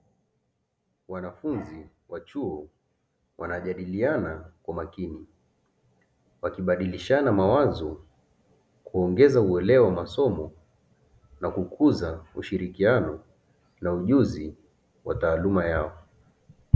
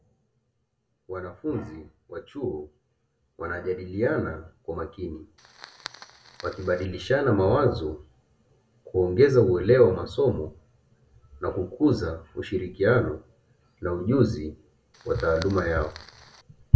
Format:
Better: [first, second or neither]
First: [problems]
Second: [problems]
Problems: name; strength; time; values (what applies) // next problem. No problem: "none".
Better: first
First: none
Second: background sound (Fire); 20 dB below the speech // room echo; dies away in 0.2 s